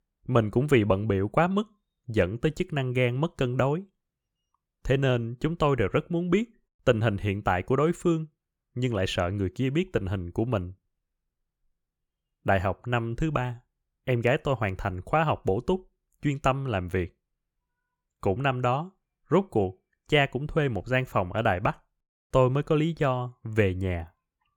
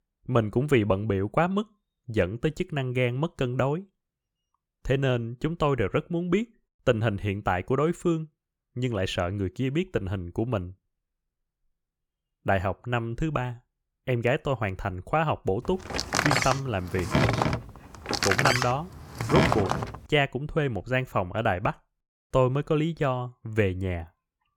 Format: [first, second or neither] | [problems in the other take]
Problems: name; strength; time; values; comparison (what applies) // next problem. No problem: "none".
first | door banging; loud; from 16 to 20 s; peak 5 dB above the speech